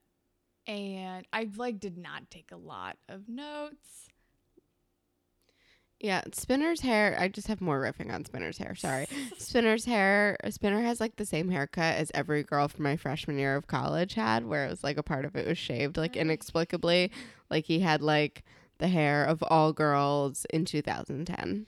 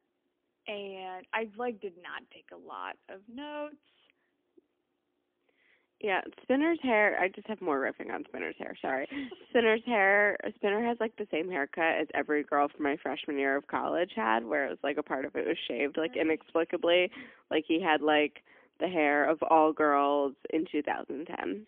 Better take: first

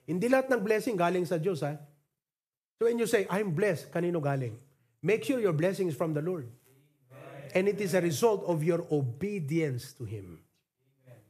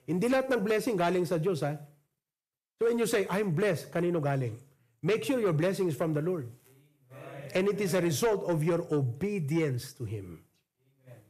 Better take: first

